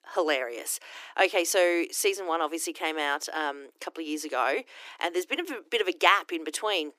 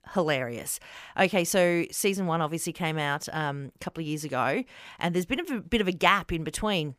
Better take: second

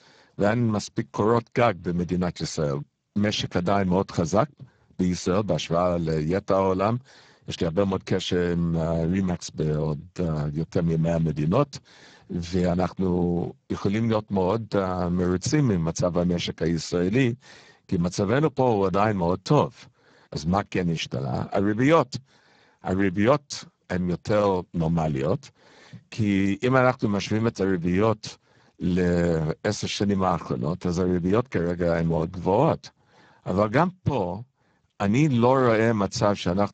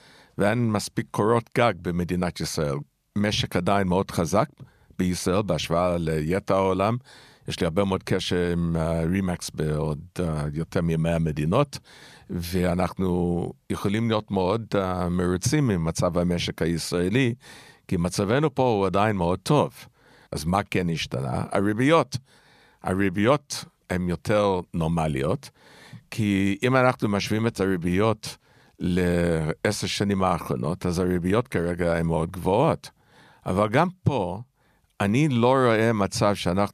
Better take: second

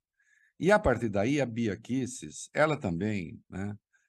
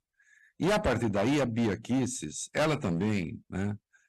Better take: first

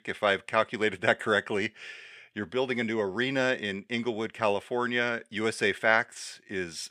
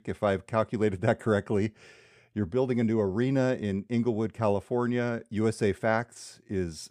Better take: second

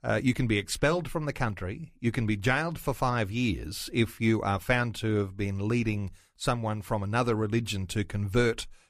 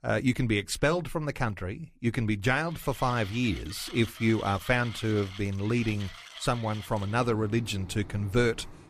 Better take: first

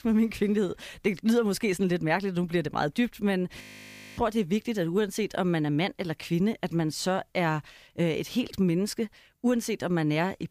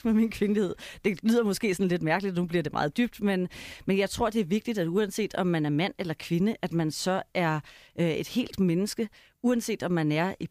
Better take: second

